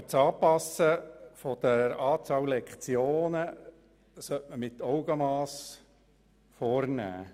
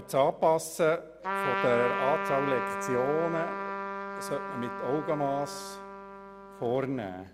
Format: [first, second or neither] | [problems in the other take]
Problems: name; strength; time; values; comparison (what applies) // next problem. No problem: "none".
first | background sound (Trumpet); 5 dB below the speech